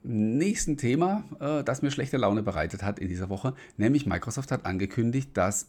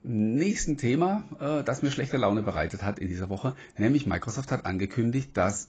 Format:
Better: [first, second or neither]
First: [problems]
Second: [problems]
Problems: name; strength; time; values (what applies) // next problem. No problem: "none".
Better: first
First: none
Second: garbled, watery; badly; nothing above 7.5 kHz